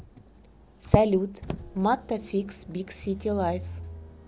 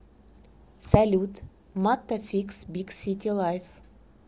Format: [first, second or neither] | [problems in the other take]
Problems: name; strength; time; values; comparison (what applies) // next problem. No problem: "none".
second | background sound (Motor vehicle (road)); 14 dB below the speech